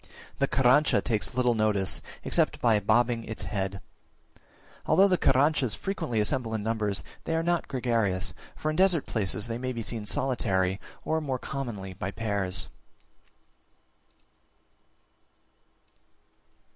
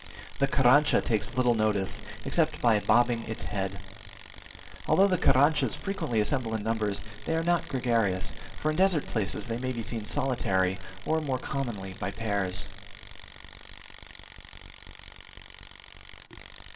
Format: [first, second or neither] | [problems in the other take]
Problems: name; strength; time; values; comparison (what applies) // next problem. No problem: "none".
first | background sound (Tools); 19 dB below the speech // room echo; dies away in 0.3 s